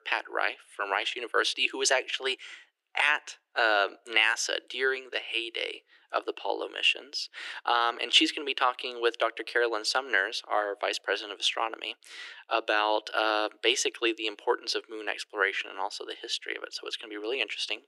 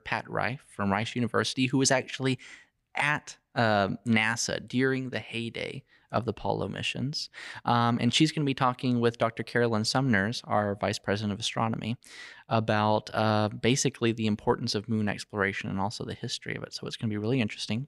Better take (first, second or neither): second